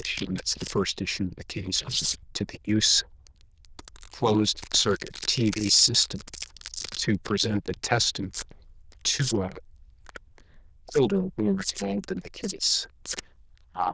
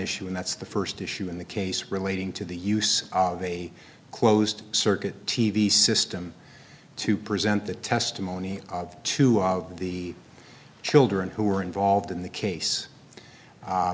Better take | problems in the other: second | noise reduction (neural diffusion model UNIVERSE++)

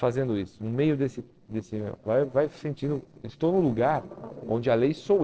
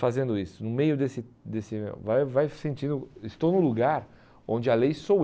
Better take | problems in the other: second | noise reduction (neural separator model SepFormer DNS4)

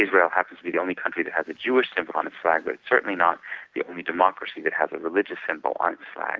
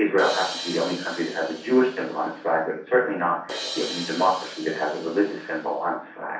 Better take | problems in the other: first | background sound (Crash cymbal); 12 dB below the speech // room echo; dies away in 0.6 s

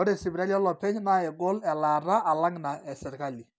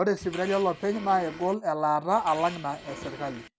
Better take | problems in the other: first | background sound (Fart); 15 dB below the speech

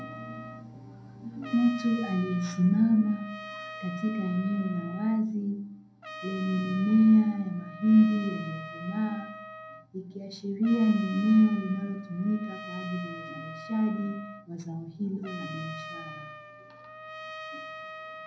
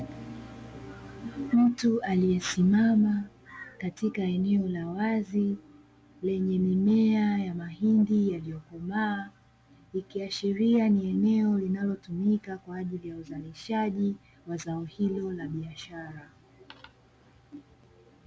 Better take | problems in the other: second | background sound (Trumpet); 15 dB below the speech // room echo; dies away in 0.5 s

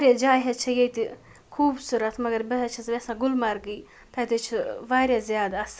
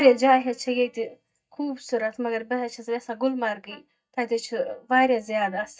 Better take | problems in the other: first | noise reduction (neural mask model DeepFilterNet 3)

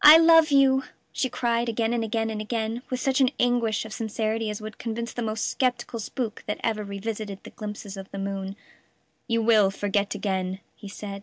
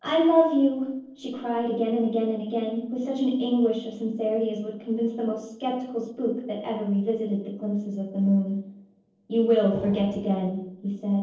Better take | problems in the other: first | noise reduction (neural separator model SepFormer DNS4)

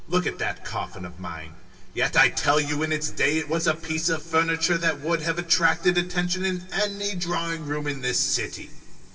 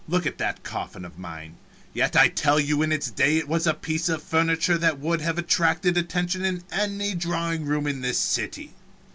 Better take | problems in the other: second | room echo; dies away in 2.8 s

